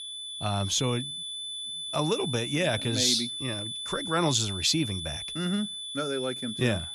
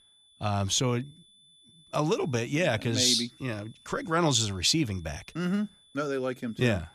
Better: second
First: high-pitched whine; loud; throughout; 3.5 kHz, 5 dB below the speech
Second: high-pitched whine; faint; throughout; 3.5 kHz, 30 dB below the speech

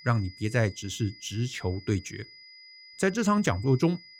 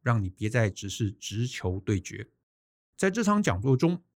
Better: second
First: high-pitched whine; noticeable; throughout; 5 kHz, 20 dB below the speech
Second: none

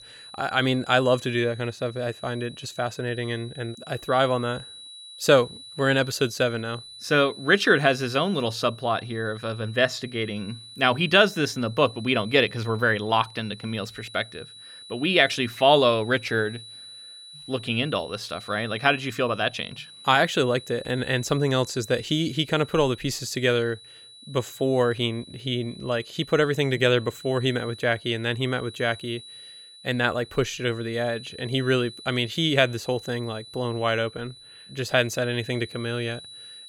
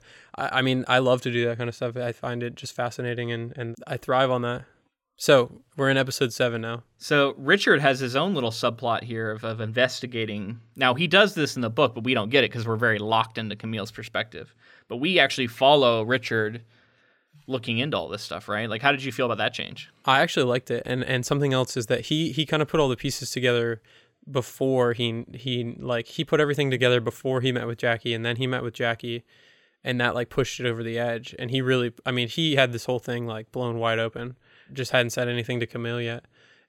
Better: second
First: high-pitched whine; noticeable; throughout; 4 kHz, 20 dB below the speech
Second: none

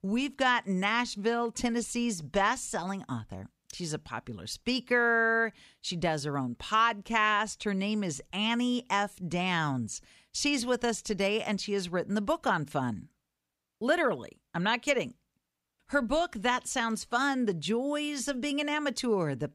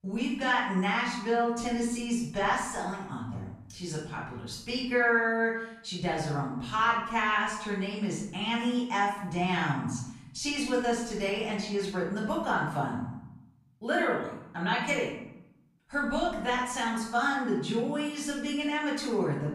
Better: first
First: none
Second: off-mic speech; far // room echo; noticeable; dies away in 0.8 s

